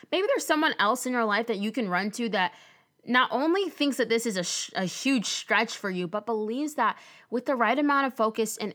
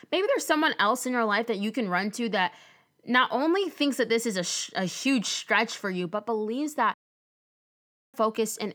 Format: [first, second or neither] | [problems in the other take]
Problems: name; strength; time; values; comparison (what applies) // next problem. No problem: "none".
first | audio cutting out; at 7 s for 1 s